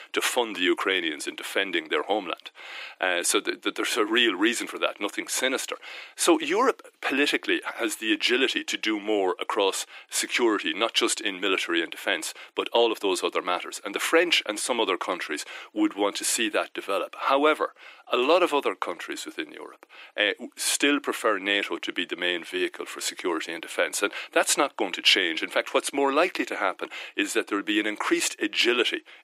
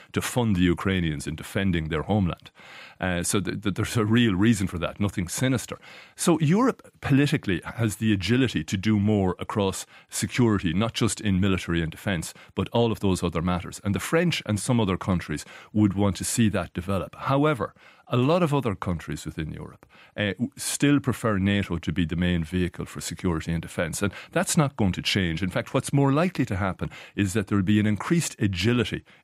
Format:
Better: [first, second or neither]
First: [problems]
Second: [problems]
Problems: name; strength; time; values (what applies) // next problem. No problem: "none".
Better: second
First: thin; very; fading below 350 Hz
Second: none